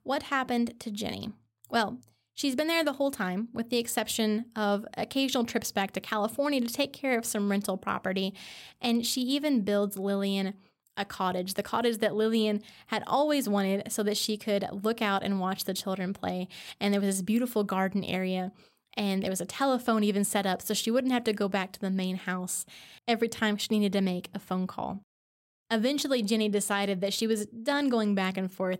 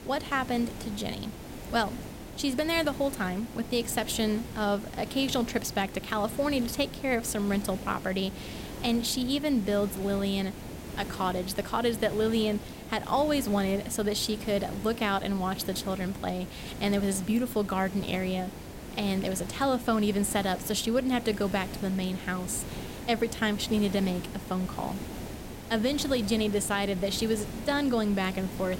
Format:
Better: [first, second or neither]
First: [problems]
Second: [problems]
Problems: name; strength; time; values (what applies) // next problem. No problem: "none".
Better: first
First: none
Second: hiss; noticeable; throughout; 10 dB below the speech